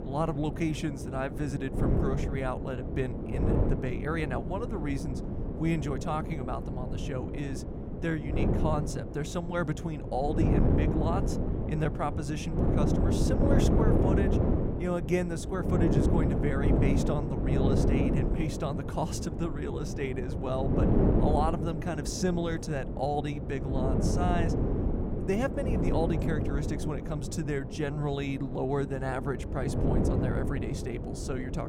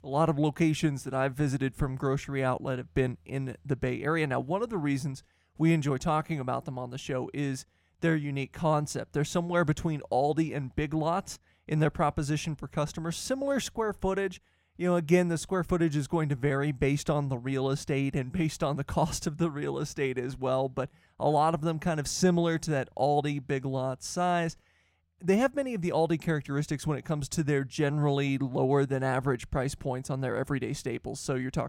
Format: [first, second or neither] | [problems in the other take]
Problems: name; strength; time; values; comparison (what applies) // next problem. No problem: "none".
second | wind noise on the microphone; heavy; 1 dB below the speech